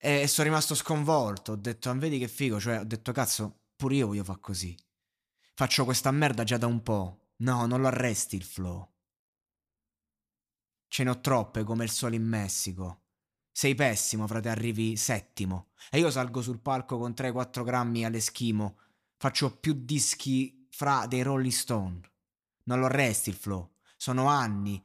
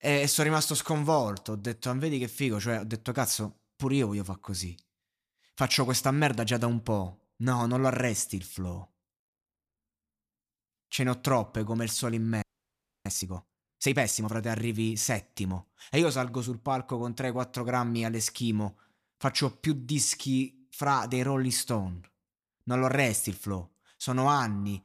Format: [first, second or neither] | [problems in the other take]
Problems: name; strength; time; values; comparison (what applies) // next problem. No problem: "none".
first | audio freezing; at 12 s for 0.5 s